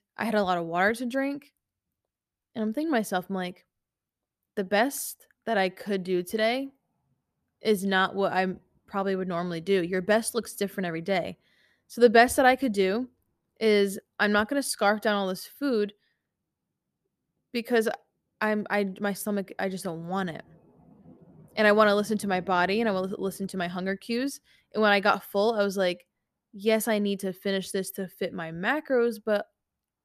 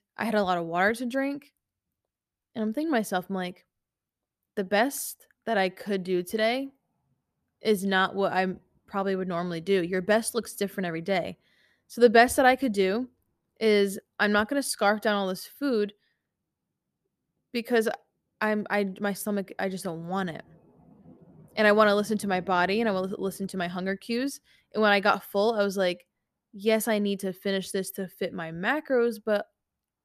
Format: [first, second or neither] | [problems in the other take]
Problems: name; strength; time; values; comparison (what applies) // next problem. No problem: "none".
neither | none